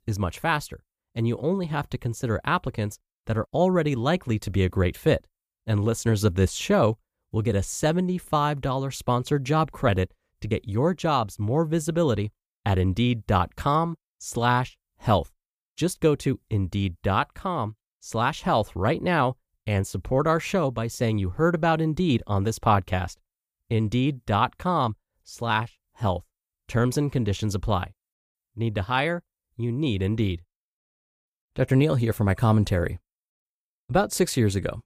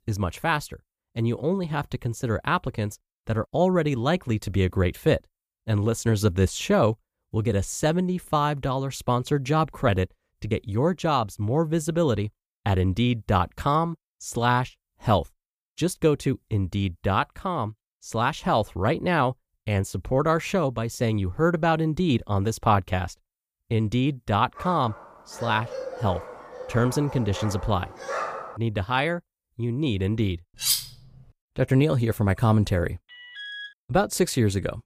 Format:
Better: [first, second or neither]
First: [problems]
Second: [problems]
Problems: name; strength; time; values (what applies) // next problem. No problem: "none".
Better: first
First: none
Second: dog barking; noticeable; from 25 to 29 s; peak 5 dB below the speech // clattering dishes; loud; at 31 s; peak 2 dB above the speech // alarm; faint; at 33 s; peak 10 dB below the speech